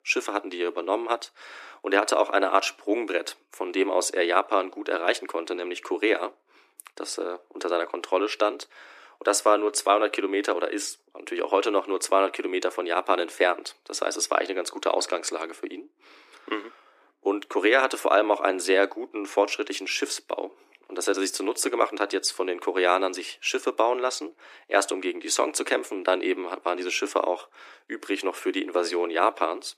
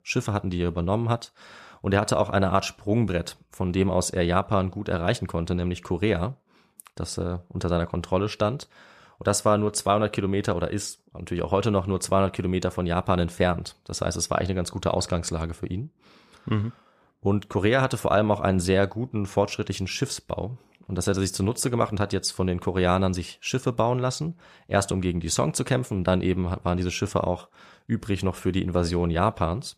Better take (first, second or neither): second